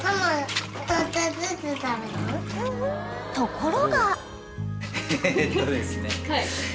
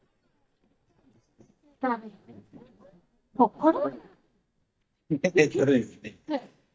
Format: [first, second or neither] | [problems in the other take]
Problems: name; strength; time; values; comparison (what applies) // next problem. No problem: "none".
first | noise reduction (neural mask model DeepFilterNet 3)